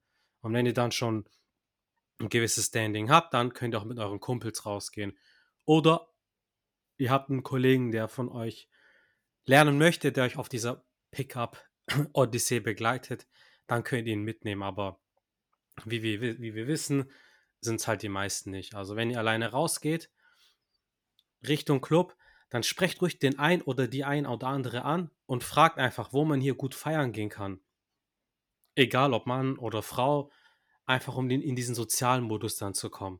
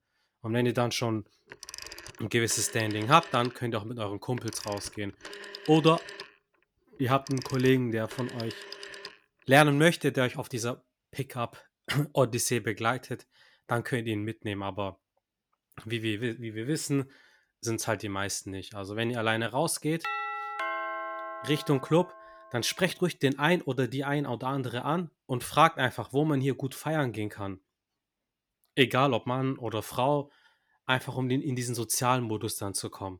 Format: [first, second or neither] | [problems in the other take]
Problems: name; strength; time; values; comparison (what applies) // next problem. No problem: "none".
first | phone ringing; faint; from 1.5 to 9 s; peak 10 dB below the speech // doorbell; noticeable; from 20 to 22 s; peak 3 dB below the speech